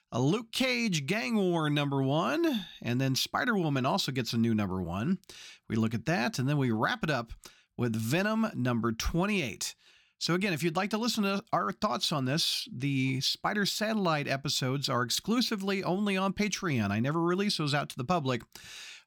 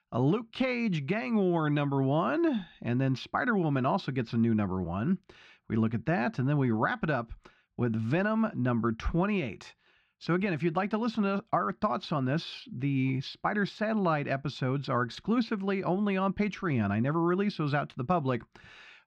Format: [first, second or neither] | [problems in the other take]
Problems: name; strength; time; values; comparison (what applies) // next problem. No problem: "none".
first | muffled; very; fading above 2 kHz